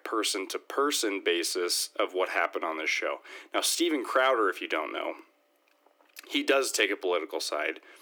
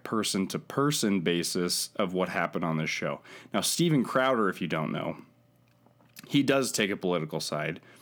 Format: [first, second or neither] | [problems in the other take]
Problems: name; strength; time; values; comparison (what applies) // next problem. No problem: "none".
second | thin; somewhat; fading below 300 Hz